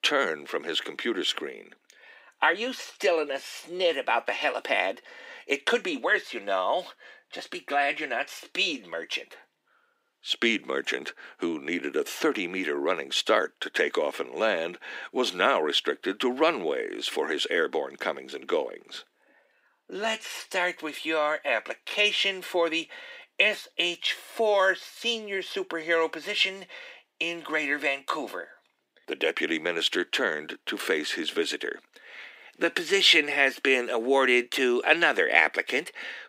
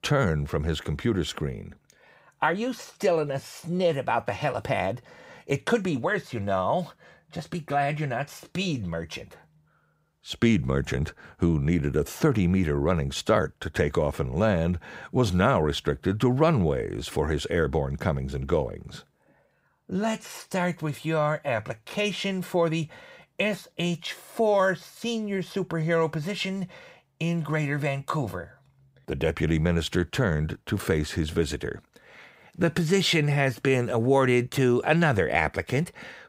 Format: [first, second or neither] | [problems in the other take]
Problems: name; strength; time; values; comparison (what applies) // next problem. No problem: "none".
second | thin; somewhat; fading below 250 Hz